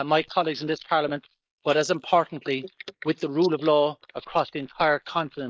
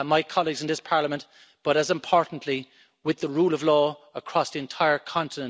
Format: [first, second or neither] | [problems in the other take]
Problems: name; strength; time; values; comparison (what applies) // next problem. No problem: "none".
second | noise reduction (neural mask model Resemble Enhance denoiser)